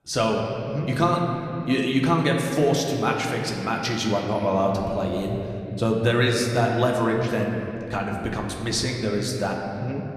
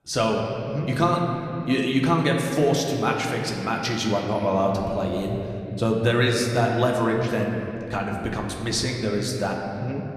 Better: neither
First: room echo; noticeable; dies away in 2.7 s // off-mic speech; somewhat distant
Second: room echo; noticeable; dies away in 2.7 s // off-mic speech; somewhat distant

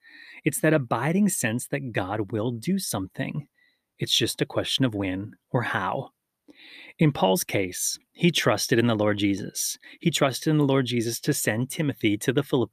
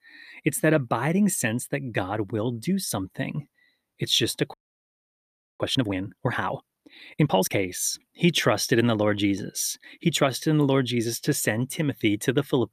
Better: first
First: none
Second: audio freezing; at 4.5 s for 1 s

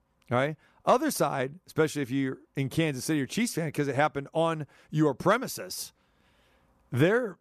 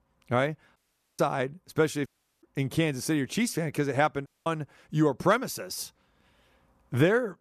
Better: first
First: none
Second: audio cutting out; at 1 s, at 2 s and at 4.5 s

